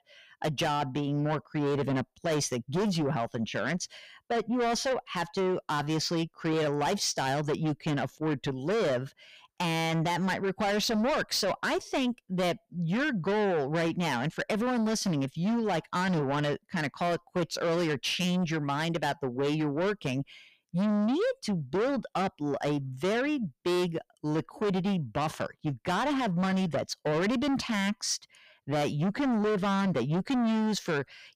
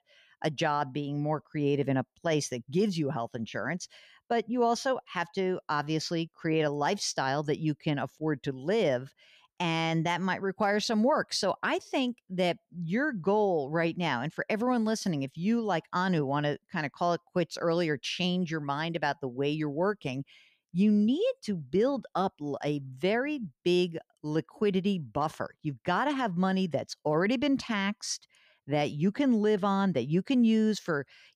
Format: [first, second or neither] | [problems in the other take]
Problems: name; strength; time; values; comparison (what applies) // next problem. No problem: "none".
second | distortion; heavy; 7 dB below the speech